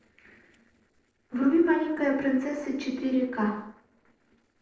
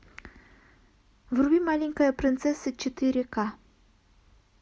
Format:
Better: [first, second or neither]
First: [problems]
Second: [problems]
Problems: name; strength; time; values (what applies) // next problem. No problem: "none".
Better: second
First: noise reduction (neural separator model SepFormer DNS4)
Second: none